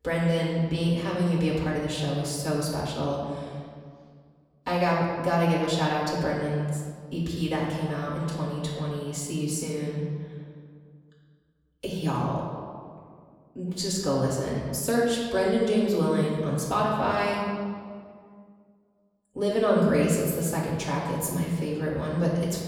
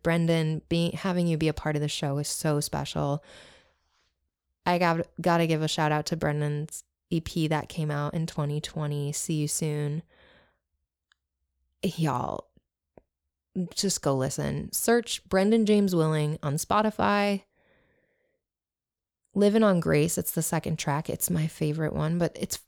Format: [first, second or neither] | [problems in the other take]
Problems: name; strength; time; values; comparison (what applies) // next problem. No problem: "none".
second | room echo; noticeable; dies away in 1.7 s // off-mic speech; far